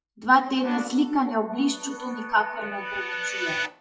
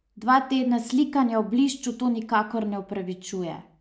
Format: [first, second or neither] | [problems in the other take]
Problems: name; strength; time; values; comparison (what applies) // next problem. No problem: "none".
second | noise reduction (classical method WPE with log-MMSE)